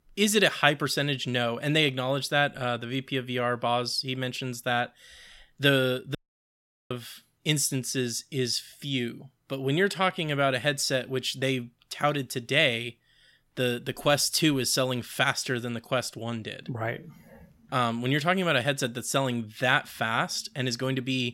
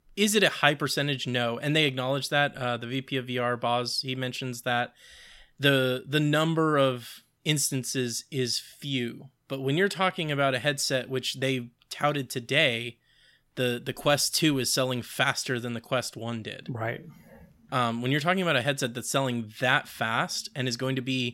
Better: second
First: audio cutting out; at 6 s for 1 s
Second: none

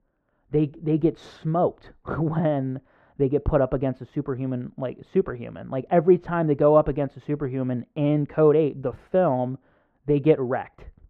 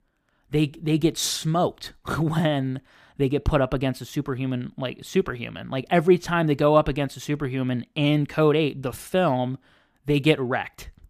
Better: second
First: muffled; very; fading above 3.5 kHz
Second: none

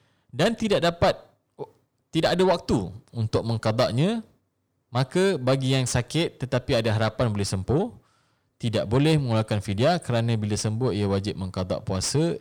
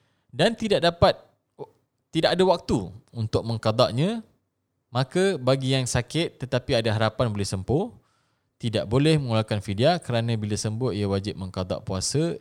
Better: second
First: distortion; slight; 10 dB below the speech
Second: none

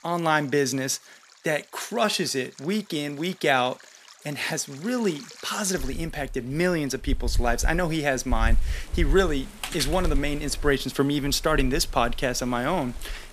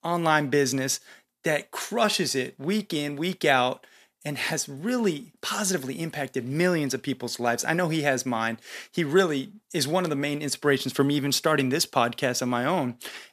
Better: second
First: rain or running water; loud; throughout; 9 dB below the speech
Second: none

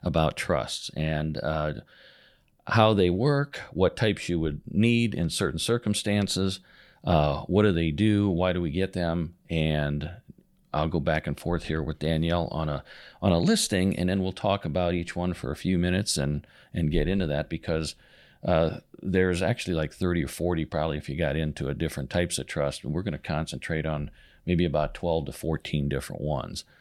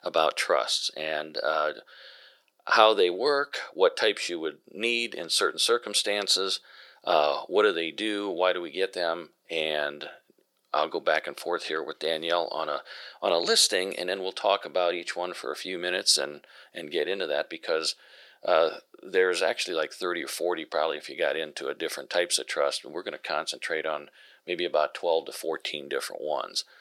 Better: first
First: none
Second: thin; very; fading below 400 Hz

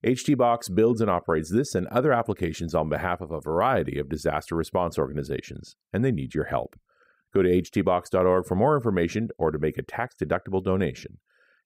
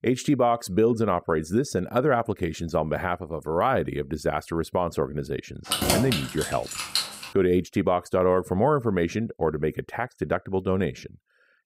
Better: first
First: none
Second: jangling keys; loud; from 5.5 to 7.5 s; peak 3 dB above the speech

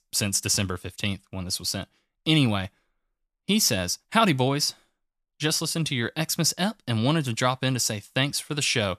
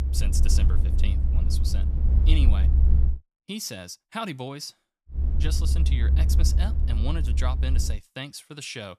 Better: first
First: none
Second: low rumble; loud; until 3 s and from 5 to 8 s; 6 dB below the speech

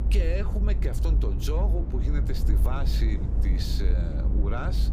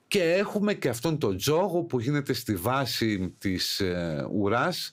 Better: second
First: low rumble; loud; throughout; 6 dB below the speech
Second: none

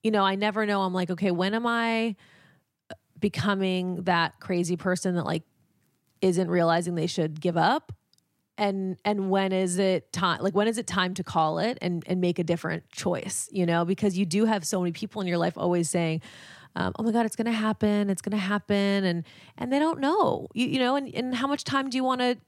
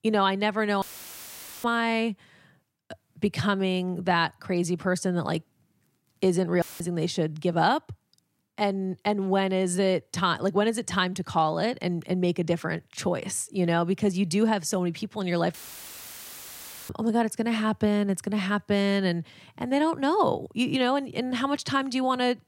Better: first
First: none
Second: audio cutting out; filled with static; at 1 s for 1 s, at 6.5 s and at 16 s for 1.5 s

